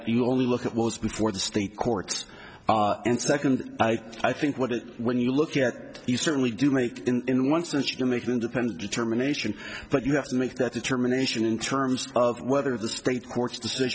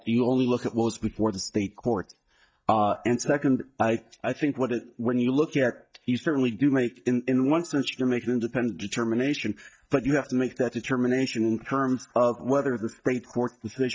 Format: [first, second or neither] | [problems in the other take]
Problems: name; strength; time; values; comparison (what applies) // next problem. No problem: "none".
first | noise reduction (neural mask model DeepFilterNet 3)